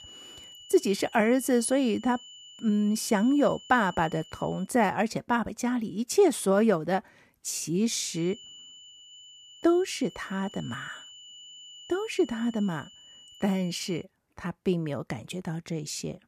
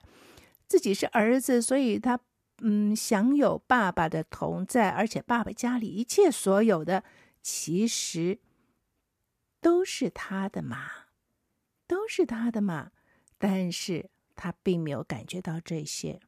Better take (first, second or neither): second